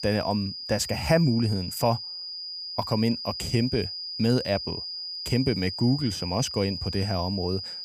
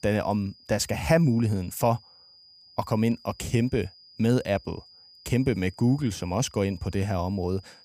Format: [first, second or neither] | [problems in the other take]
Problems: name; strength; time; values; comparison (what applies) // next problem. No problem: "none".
second | high-pitched whine; loud; throughout; 5 kHz, 6 dB below the speech; faint in the second